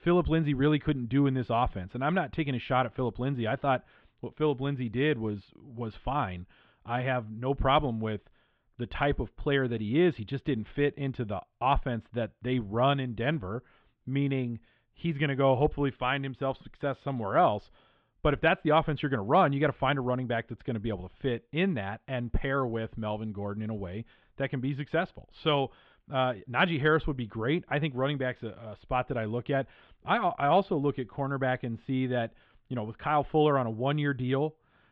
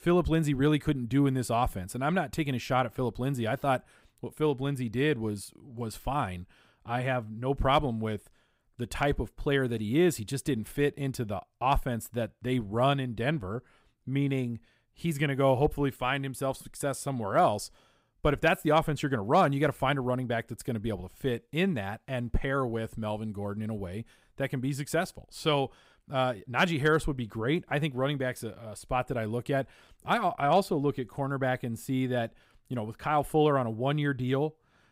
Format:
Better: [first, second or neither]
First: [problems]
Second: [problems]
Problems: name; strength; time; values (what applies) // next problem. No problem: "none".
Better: second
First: muffled; very; fading above 3.5 kHz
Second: none